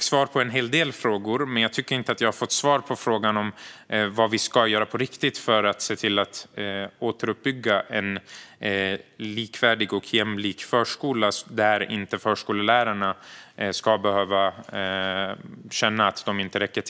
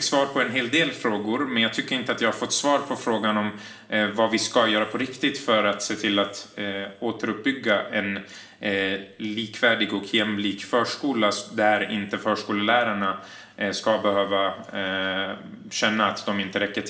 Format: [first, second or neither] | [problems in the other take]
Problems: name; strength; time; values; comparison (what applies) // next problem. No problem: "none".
first | room echo; dies away in 1.7 s